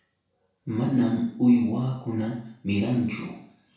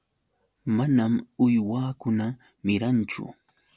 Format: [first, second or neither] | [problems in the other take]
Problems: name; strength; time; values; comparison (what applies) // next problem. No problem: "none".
second | room echo; dies away in 0.7 s